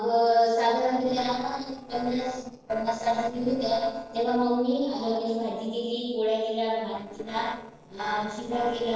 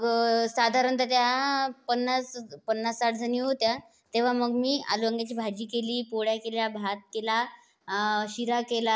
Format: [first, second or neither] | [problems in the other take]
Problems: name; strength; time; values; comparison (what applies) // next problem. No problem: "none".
second | noise reduction (neural separator model SepFormer DNS4)